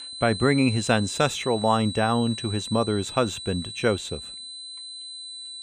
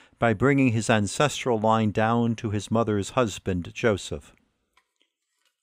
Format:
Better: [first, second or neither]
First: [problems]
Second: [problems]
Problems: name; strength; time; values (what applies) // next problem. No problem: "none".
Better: second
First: high-pitched whine; loud; throughout; 4 kHz, 10 dB below the speech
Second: none